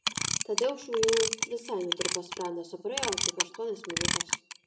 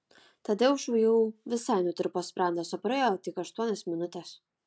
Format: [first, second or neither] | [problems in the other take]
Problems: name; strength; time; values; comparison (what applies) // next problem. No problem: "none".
second | background sound (Clock); as loud as the speech // room echo; dies away in 0.6 s